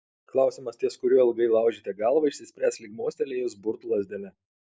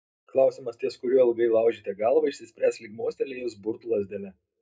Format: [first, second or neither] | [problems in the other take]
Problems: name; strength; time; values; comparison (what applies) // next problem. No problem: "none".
first | room echo; dies away in 0.2 s